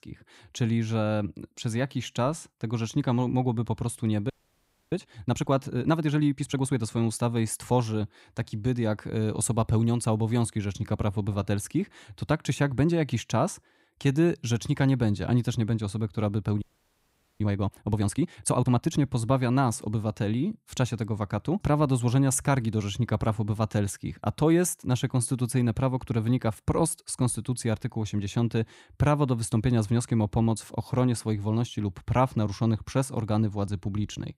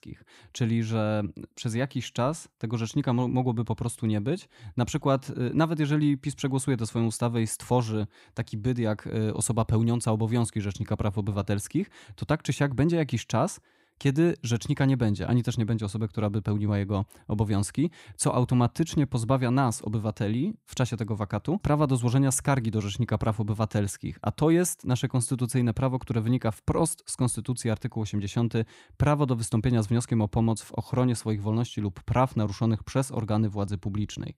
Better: second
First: audio freezing; at 4.5 s for 0.5 s and at 17 s for 1 s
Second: none

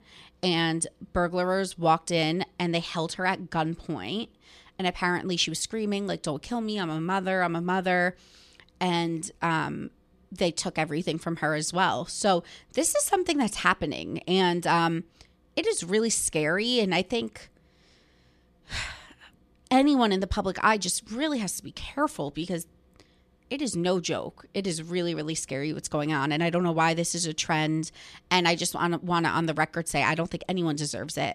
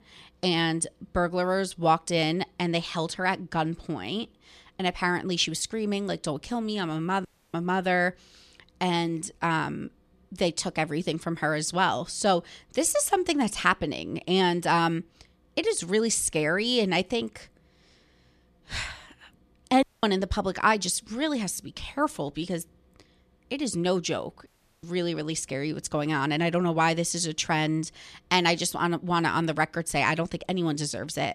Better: first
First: none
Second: audio cutting out; at 7.5 s, at 20 s and at 24 s

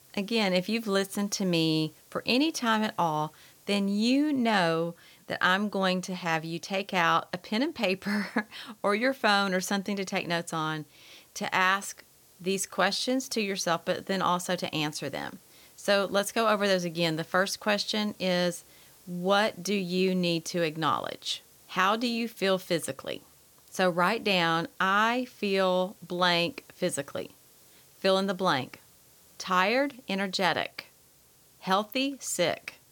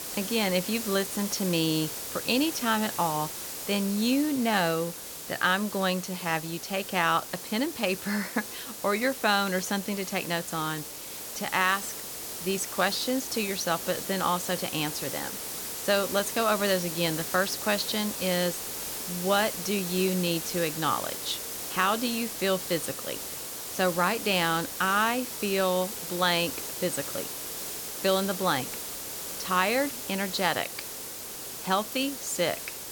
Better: first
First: hiss; faint; throughout; 30 dB below the speech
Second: hiss; loud; throughout; 6 dB below the speech

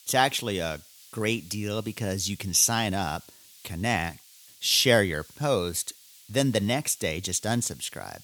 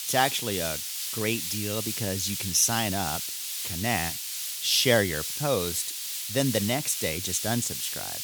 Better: first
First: hiss; faint; throughout; 25 dB below the speech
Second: hiss; loud; throughout; 3 dB below the speech

